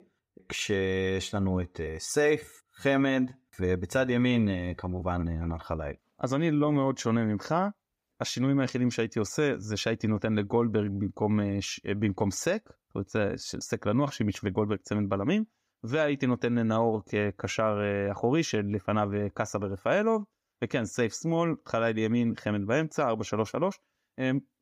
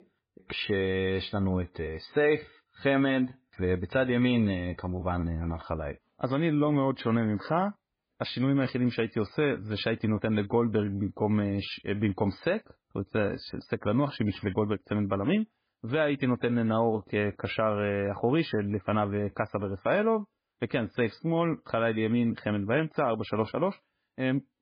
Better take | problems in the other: first | garbled, watery; badly; nothing above 4.5 kHz

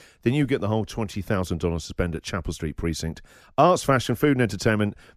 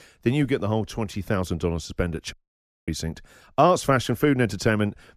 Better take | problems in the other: first | audio cutting out; at 2.5 s for 0.5 s

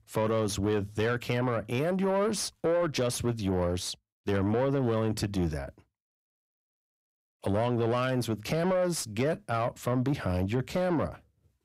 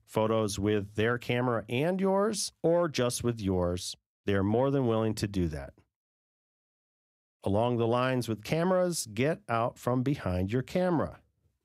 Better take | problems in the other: second | distortion; slight; 10 dB below the speech

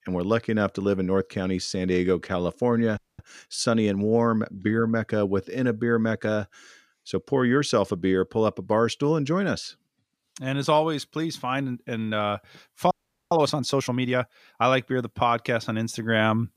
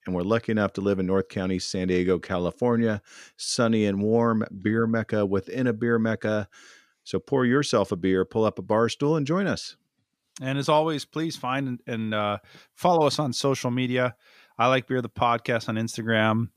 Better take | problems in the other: second | audio freezing; at 3 s and at 13 s

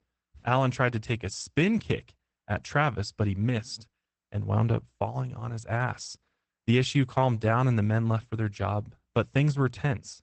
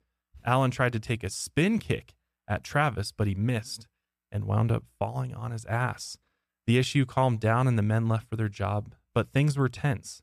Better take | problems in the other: second | garbled, watery; badly; nothing above 8 kHz

